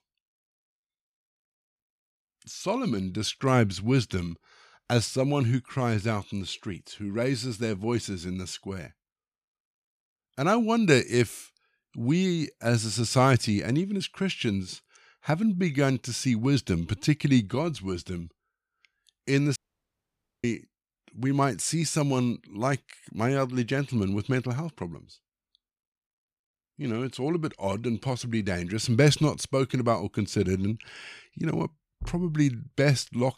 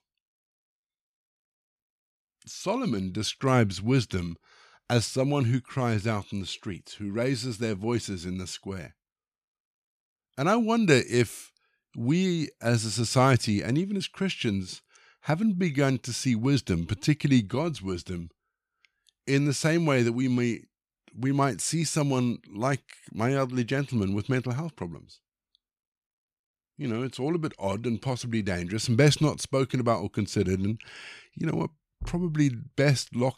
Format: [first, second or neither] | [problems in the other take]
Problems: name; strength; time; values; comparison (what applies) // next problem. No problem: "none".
second | audio cutting out; at 20 s for 1 s